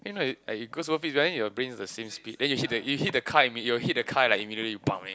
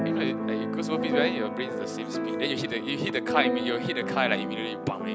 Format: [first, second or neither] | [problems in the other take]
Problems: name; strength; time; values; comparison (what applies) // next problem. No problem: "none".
first | background sound (Keyboard (musical)); 1 dB above the speech